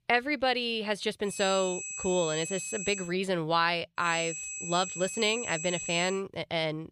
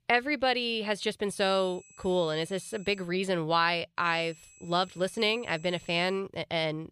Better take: second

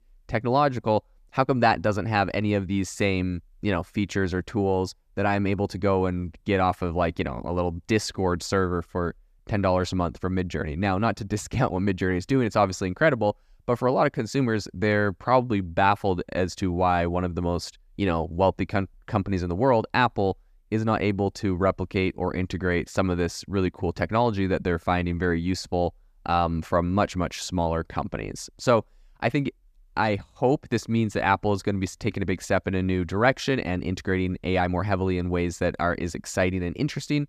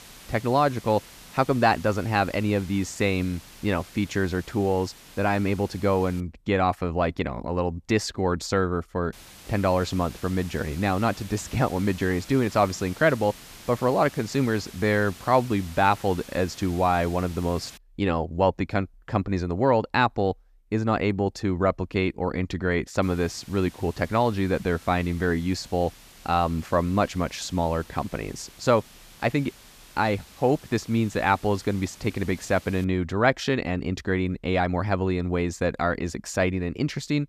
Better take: first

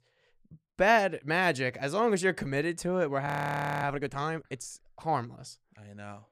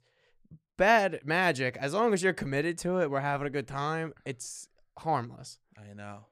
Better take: second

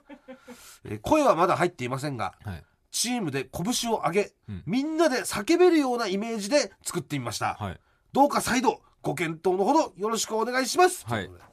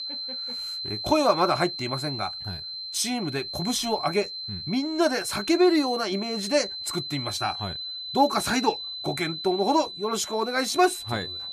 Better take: first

